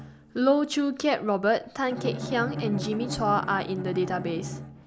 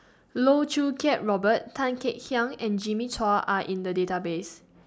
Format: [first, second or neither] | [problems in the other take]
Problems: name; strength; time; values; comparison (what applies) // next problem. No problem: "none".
second | background sound (Bowed string instrument); 9 dB below the speech